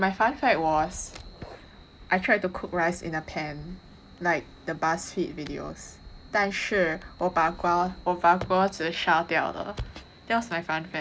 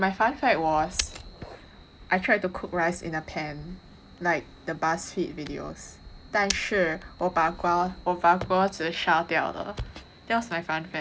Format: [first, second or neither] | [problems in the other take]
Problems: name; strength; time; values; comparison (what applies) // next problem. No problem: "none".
first | background sound (Shatter); 5 dB below the speech